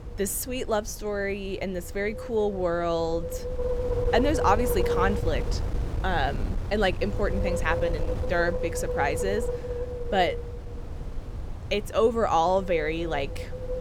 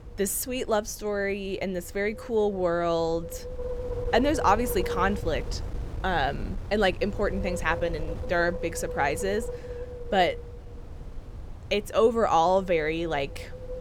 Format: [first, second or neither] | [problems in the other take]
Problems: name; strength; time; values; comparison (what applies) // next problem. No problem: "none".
second | wind noise on the microphone; heavy; 6 dB below the speech; occasional gusts in the second